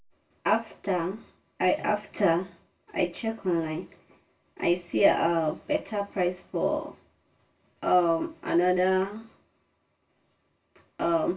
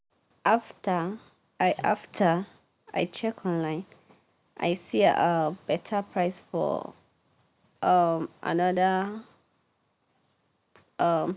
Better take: second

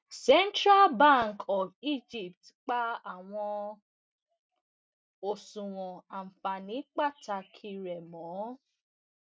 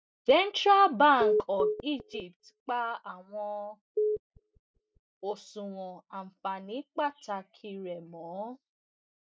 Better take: first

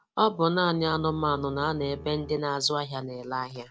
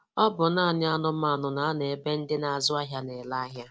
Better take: second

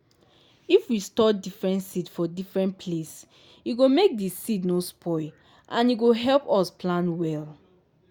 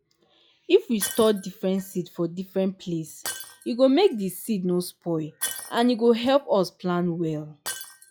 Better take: first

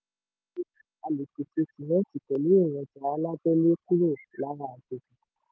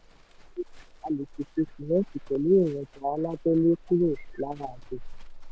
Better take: first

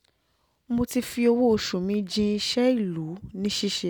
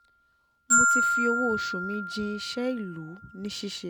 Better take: first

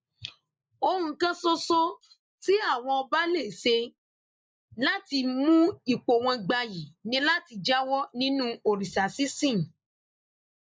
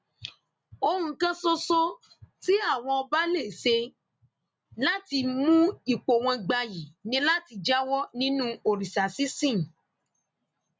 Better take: second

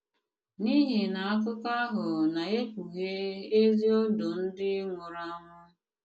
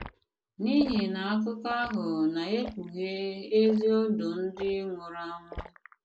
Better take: first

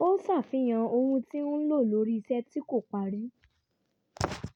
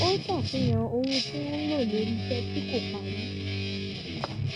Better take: first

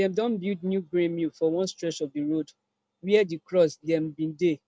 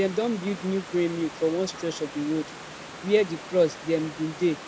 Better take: first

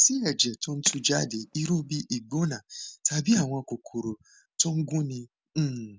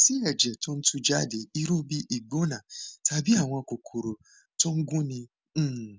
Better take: second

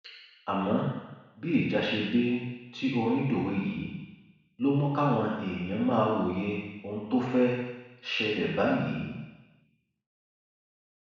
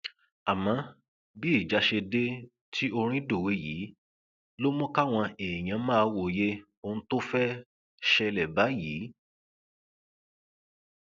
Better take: second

